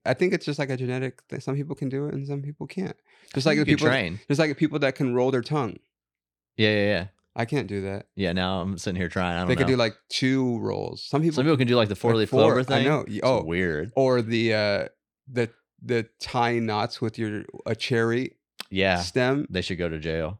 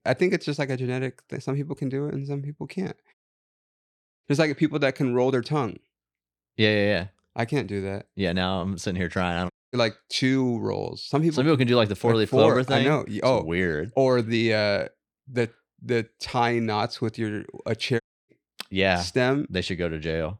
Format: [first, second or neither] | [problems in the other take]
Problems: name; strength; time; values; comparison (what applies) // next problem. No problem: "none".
first | audio cutting out; at 3 s for 1 s, at 9.5 s and at 18 s